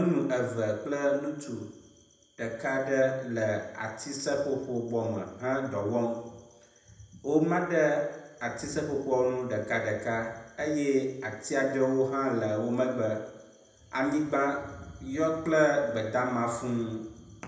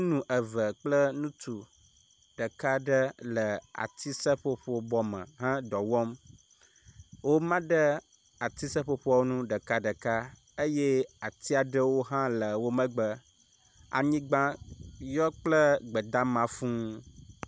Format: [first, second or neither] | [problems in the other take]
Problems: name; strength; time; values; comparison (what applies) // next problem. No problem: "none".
second | room echo; dies away in 0.8 s